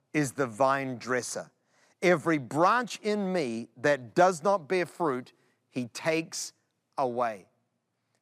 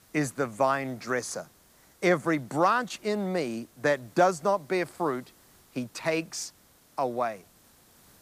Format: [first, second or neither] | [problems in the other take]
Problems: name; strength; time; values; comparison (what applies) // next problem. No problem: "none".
first | hiss; faint; throughout; 30 dB below the speech